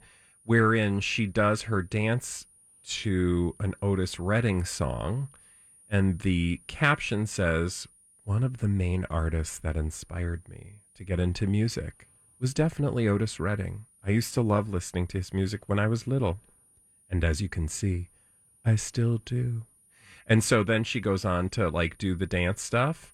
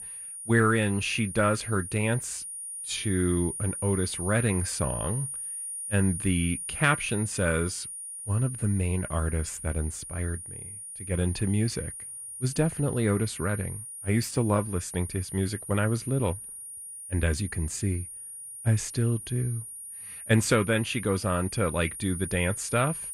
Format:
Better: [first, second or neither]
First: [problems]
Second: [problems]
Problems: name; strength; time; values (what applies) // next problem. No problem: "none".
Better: first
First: high-pitched whine; faint; throughout; 9.5 kHz, 30 dB below the speech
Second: high-pitched whine; loud; throughout; 9.5 kHz, 8 dB below the speech